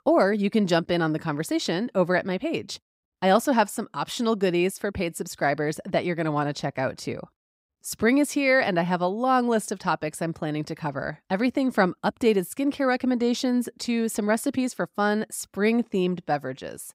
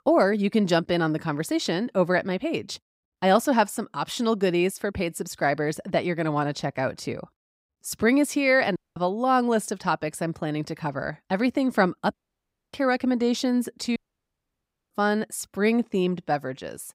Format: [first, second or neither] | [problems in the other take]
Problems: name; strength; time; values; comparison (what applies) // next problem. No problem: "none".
first | audio cutting out; at 9 s, at 12 s for 0.5 s and at 14 s for 1 s